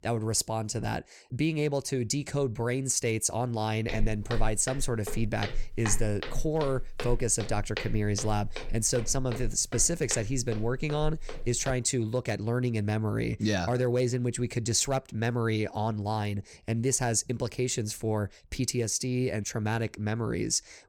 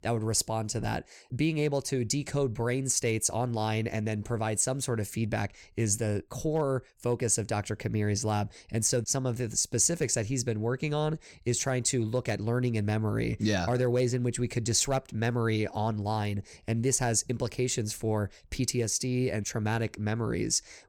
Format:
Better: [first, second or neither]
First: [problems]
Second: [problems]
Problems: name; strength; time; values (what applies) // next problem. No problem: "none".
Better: second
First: footsteps; noticeable; from 4 to 12 s; peak 7 dB below the speech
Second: none